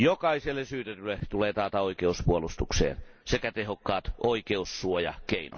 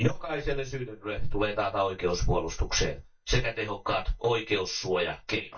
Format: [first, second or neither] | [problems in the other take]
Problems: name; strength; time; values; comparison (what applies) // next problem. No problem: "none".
first | noise reduction (neural mask model DeepFilterNet 3)